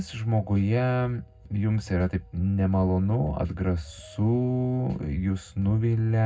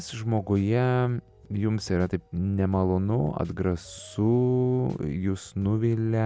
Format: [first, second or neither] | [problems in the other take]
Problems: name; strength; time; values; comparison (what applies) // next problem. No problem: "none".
second | room echo; dies away in 0.3 s